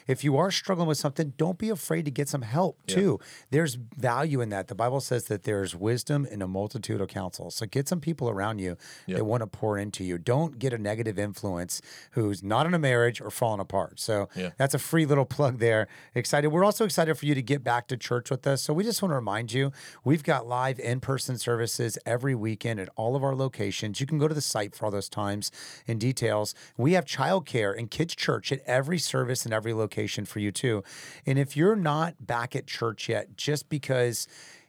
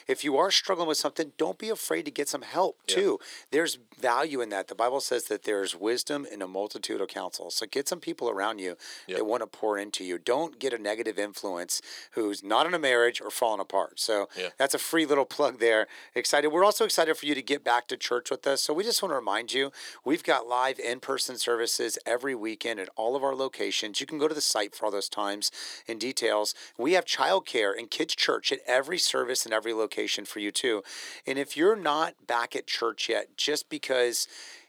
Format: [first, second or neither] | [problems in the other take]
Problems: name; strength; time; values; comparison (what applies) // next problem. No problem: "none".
first | thin; somewhat; fading below 350 Hz